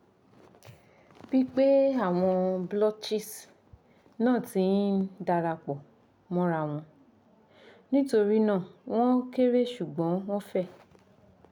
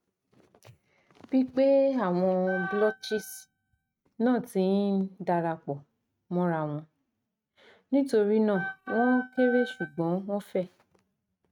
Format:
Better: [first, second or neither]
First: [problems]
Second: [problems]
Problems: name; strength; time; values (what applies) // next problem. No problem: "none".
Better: first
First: none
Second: noise reduction (neural mask model RNNoise)